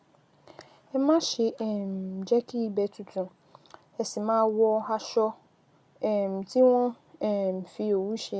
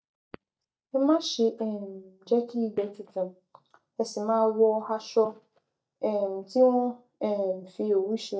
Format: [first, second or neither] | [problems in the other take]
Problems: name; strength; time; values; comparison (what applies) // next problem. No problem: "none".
first | noise reduction (neural mask model DeepFilterNet 3)